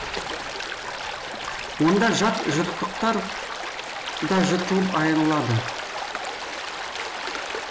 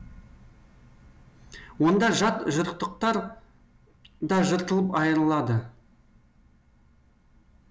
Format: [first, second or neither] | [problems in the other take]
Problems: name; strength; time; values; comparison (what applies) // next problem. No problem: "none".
second | background sound (Stream); 5 dB below the speech